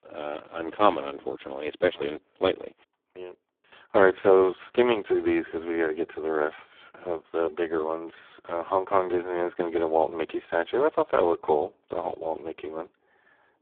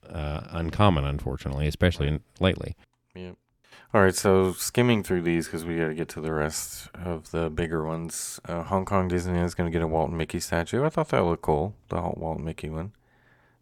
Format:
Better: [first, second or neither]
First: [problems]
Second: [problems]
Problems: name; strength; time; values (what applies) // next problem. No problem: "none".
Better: second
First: phone-call audio; poor line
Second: none